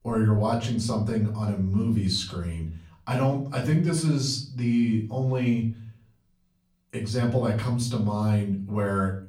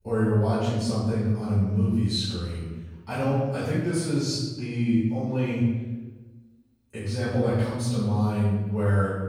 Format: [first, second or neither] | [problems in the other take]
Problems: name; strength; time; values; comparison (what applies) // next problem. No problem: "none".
first | room echo; strong; dies away in 1.1 s; slight in the first // off-mic speech; far; far in the first